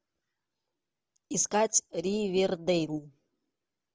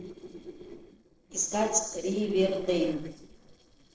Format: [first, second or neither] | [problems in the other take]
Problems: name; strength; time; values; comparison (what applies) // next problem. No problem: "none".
first | noise reduction (neural separator model SepFormer DNS4)